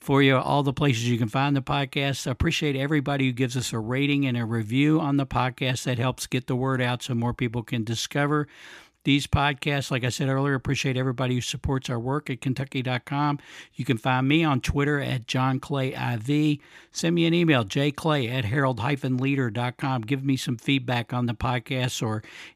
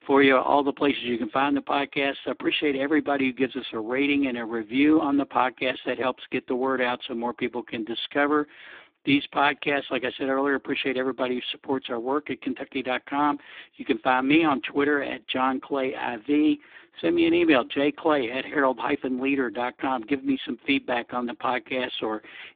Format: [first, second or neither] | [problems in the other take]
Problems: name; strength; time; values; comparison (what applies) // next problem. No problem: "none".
first | phone-call audio; poor line; nothing above 3.5 kHz